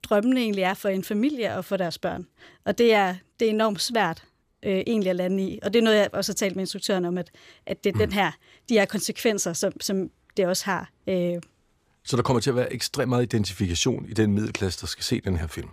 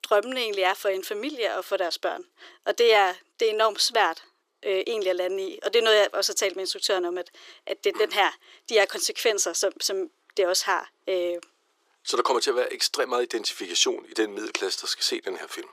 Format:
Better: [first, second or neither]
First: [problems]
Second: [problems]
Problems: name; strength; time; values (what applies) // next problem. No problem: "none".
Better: first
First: none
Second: thin; very; fading below 350 Hz